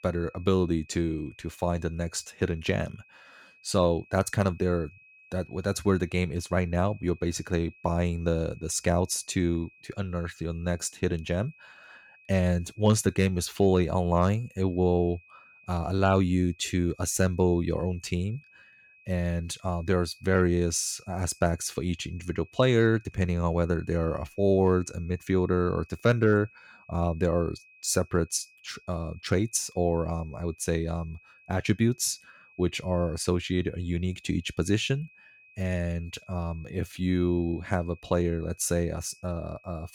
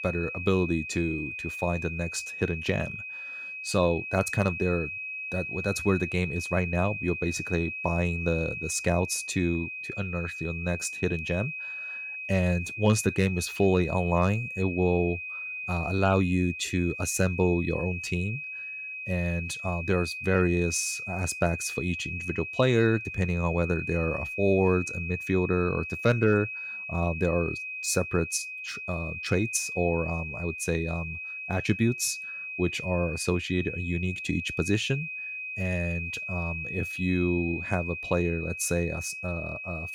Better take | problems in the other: first | high-pitched whine; loud; throughout; 2.5 kHz, 6 dB below the speech; faint in the first

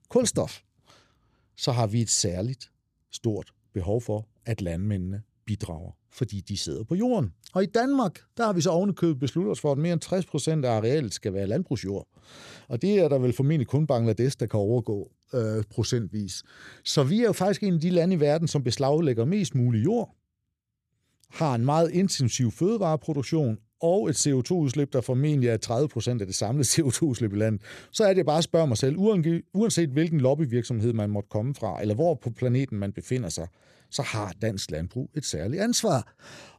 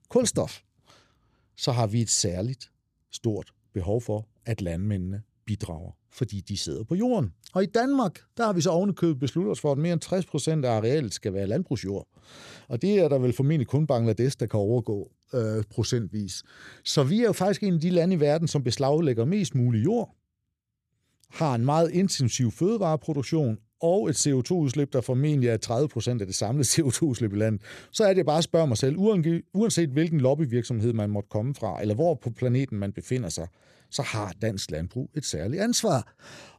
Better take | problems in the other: neither | none

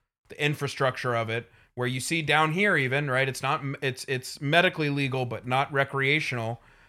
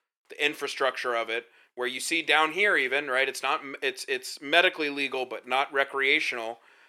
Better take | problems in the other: first | thin; somewhat; fading below 350 Hz

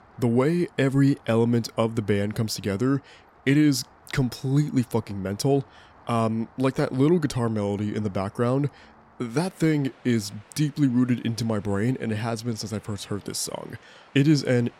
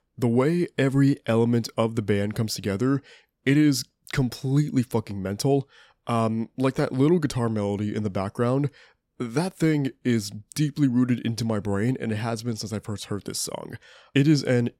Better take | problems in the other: second | rain or running water; faint; throughout; 30 dB below the speech

